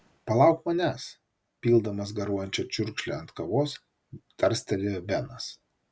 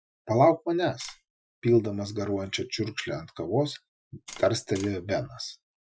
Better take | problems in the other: first | noise reduction (classical method Wiener filter)

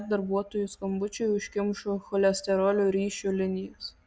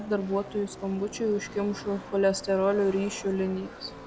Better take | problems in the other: first | background sound (Car passing by / Race car, auto racing); 15 dB below the speech

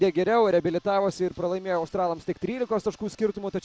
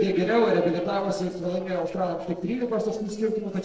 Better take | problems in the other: first | noise reduction (neural separator model SepFormer DNS4)

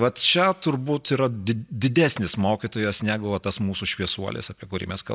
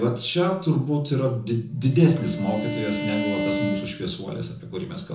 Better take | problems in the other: first | background sound (Bowed string instrument); 8 dB below the speech // room echo; dies away in 0.6 s

